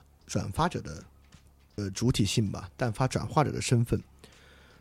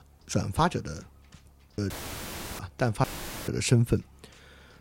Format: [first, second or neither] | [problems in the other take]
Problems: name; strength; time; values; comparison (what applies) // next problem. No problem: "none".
first | audio cutting out; filled with static; at 2 s for 0.5 s and at 3 s